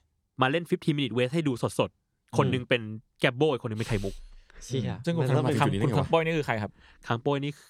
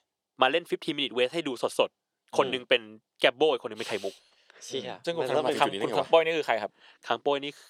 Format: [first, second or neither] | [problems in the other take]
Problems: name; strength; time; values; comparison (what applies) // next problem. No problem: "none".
first | thin; somewhat; fading below 400 Hz